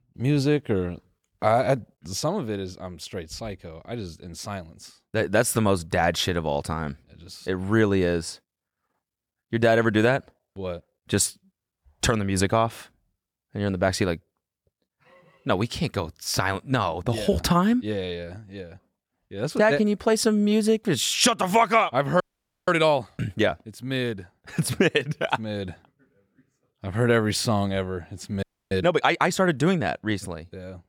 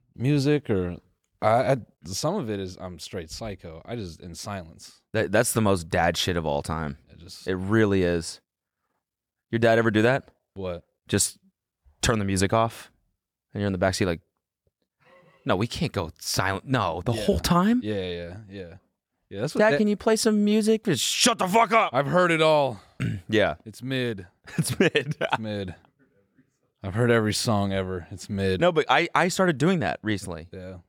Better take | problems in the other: second | audio freezing; at 22 s and at 28 s

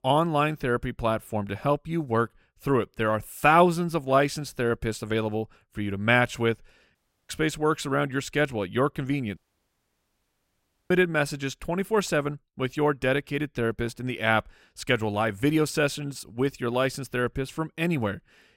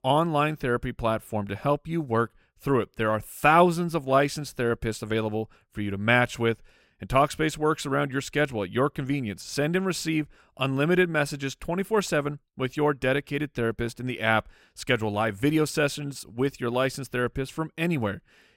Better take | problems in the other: second | audio cutting out; at 7 s and at 9.5 s for 1.5 s

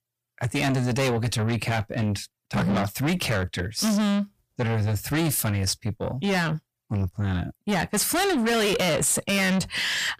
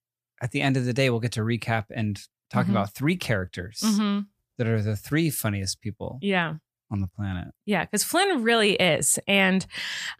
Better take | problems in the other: second | distortion; heavy; 5 dB below the speech

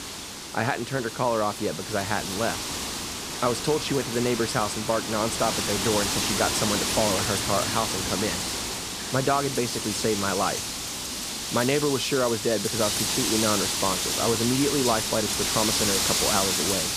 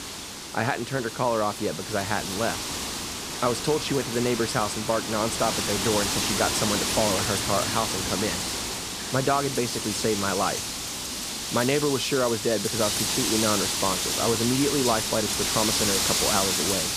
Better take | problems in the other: neither | wind noise on the microphone; heavy; as loud as the speech; the same in both

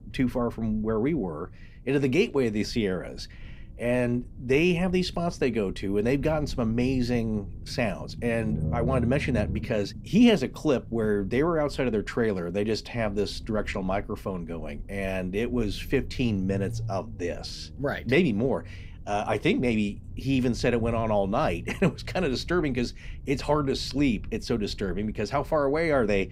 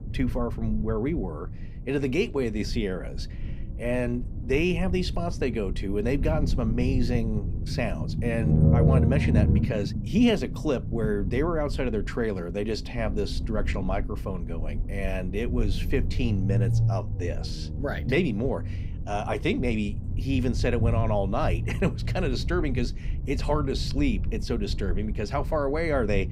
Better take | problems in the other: first | low rumble; loud; throughout; 10 dB below the speech; faint in the first

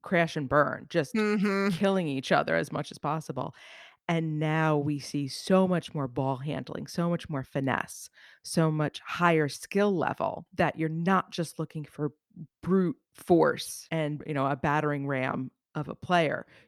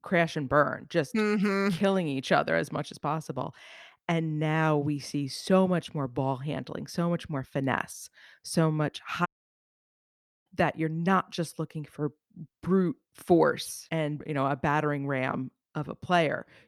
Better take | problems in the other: first | audio cutting out; at 9.5 s for 1 s

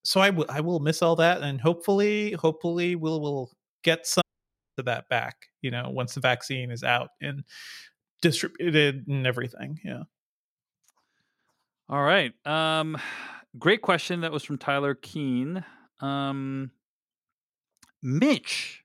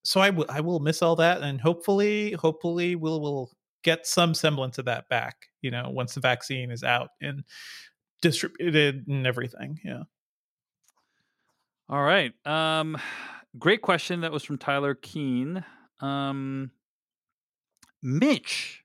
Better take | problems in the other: second | audio cutting out; at 4 s for 0.5 s

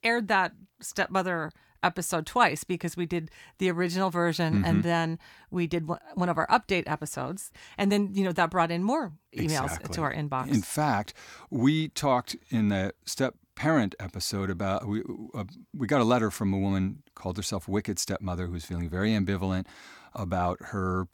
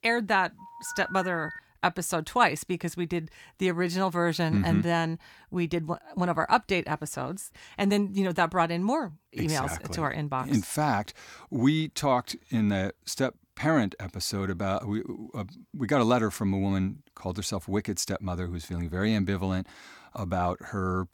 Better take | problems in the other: first | phone ringing; noticeable; from 0.5 to 1.5 s; peak 9 dB below the speech

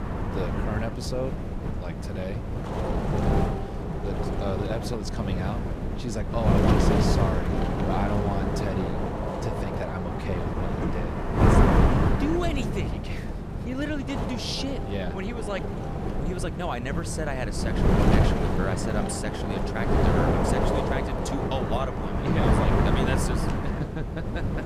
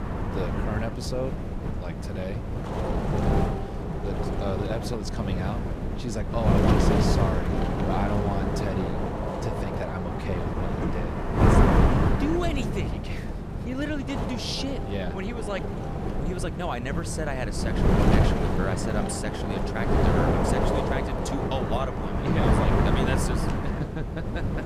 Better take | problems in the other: neither | wind noise on the microphone; heavy; 4 dB above the speech; the same in both

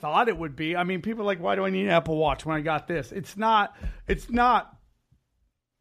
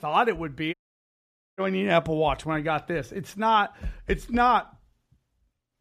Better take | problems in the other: first | audio cutting out; at 0.5 s for 1 s

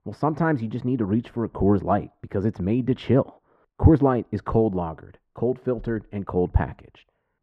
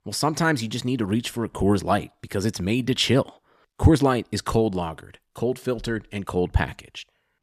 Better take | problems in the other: second | muffled; very; fading above 3 kHz

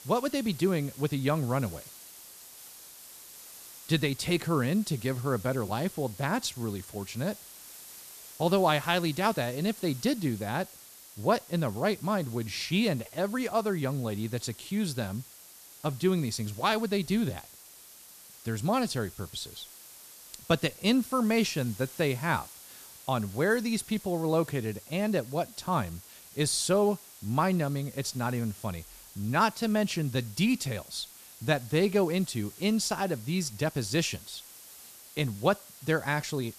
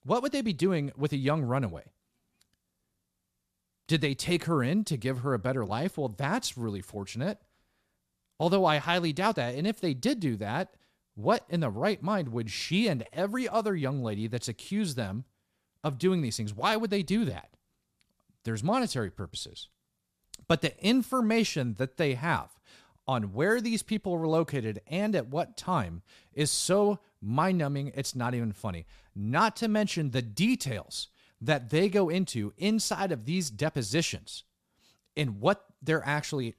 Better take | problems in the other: second | hiss; noticeable; throughout; 15 dB below the speech

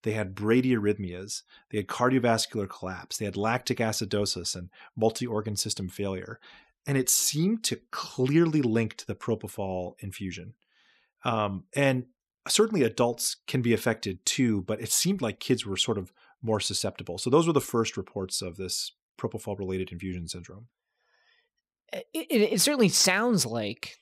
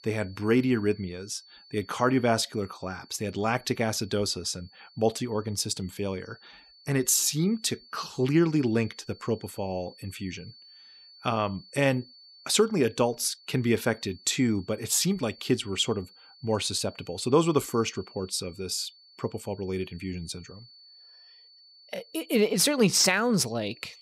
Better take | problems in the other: first | high-pitched whine; faint; throughout; 4.5 kHz, 25 dB below the speech

